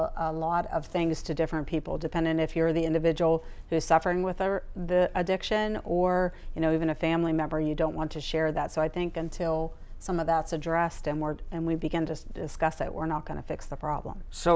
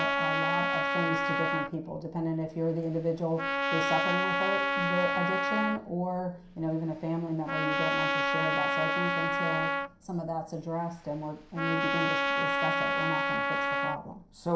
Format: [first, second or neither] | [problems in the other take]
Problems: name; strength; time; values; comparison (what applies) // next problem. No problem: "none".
first | background sound (Trumpet); 2 dB above the speech // room echo; dies away in 0.5 s